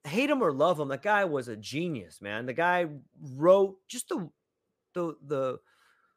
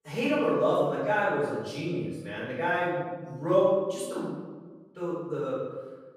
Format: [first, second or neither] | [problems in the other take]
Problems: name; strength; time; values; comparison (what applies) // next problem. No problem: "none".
first | off-mic speech; far // room echo; strong; dies away in 1.2 s